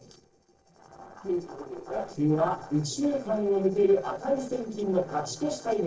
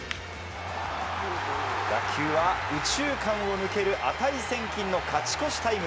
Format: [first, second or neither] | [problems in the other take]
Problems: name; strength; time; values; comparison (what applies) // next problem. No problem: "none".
second | noise reduction (neural separator model SepFormer DNS4)